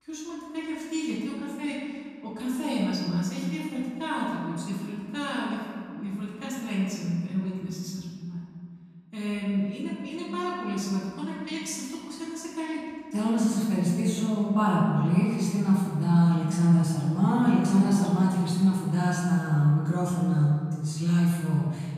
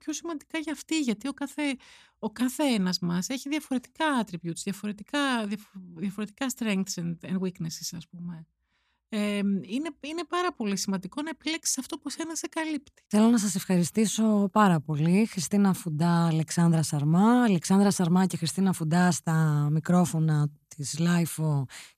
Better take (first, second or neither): second